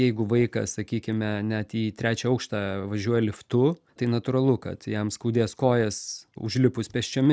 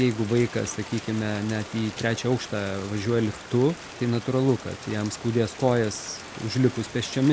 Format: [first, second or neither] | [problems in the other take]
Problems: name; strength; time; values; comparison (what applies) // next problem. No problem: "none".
first | background sound (Rain); 14 dB below the speech